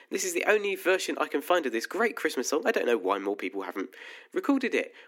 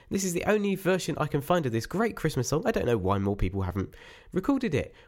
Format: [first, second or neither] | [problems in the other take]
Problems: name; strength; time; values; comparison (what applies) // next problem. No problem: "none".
second | thin; very slightly; fading below 250 Hz